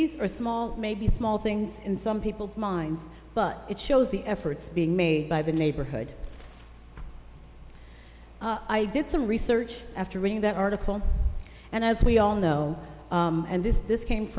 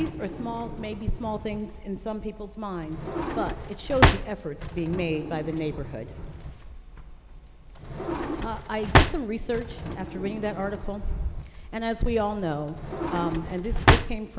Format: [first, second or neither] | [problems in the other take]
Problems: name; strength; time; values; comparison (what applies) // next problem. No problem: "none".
first | background sound (Drawer open or close); 2 dB above the speech